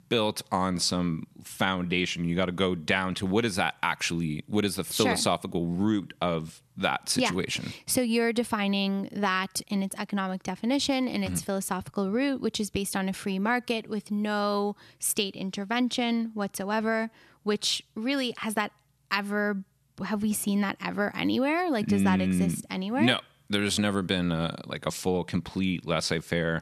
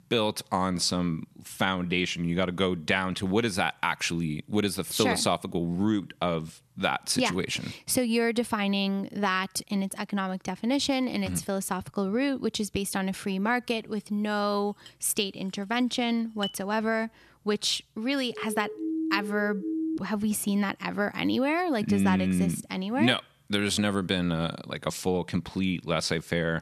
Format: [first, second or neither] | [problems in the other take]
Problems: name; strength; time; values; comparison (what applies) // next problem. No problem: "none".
first | clattering dishes; noticeable; from 15 to 17 s; peak 8 dB below the speech // siren; noticeable; from 18 to 20 s; peak 3 dB below the speech